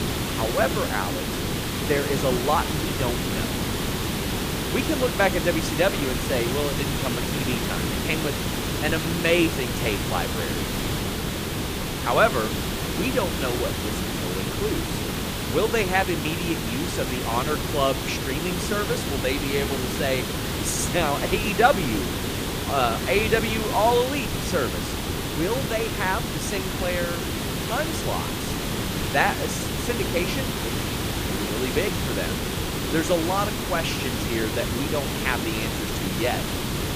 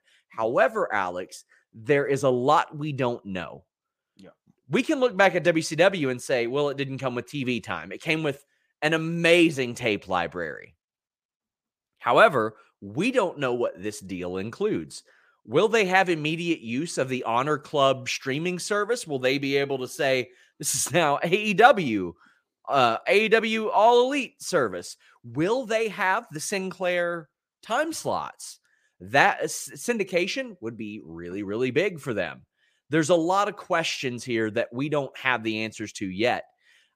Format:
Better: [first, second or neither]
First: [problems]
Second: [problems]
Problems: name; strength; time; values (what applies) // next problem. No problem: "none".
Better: second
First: hiss; loud; throughout; as loud as the speech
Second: none